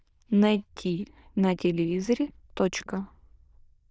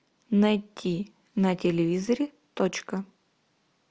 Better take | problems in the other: second | noise reduction (neural diffusion model UNIVERSE++)

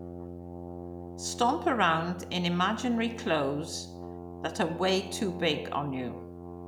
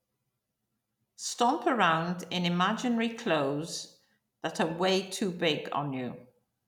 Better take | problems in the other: second | background sound (Brass instrument); 11 dB below the speech

